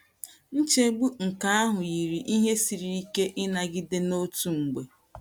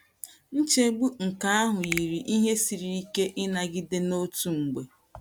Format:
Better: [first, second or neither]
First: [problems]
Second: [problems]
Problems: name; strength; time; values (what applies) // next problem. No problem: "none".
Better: first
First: none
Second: background sound (Finger snapping); 11 dB below the speech